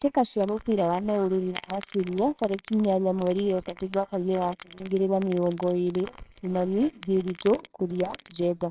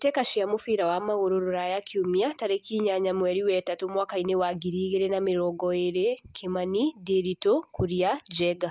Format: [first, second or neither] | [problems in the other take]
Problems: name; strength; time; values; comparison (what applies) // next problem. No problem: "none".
second | noise reduction (neural separator model SepFormer WHAMR!)